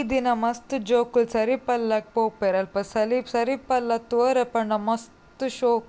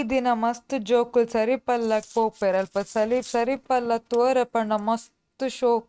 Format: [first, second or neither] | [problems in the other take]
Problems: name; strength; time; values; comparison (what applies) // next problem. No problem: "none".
first | noise reduction (neural mask model RNNoise)